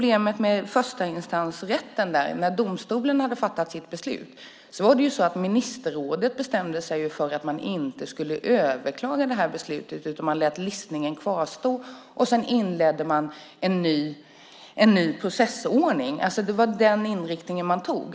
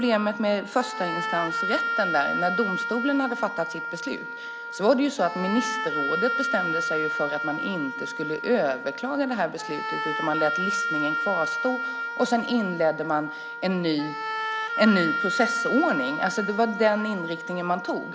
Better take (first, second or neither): first